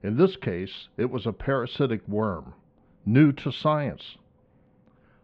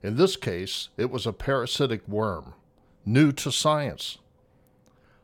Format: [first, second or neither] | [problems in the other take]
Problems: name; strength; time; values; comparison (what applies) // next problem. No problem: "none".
second | muffled; very; fading above 3 kHz